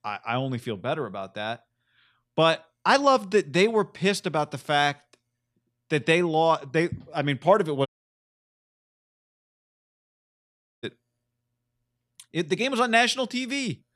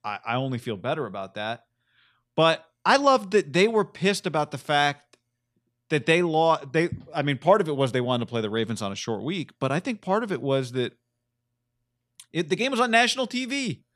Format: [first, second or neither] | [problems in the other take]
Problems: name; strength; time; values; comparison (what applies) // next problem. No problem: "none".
second | audio cutting out; at 8 s for 3 s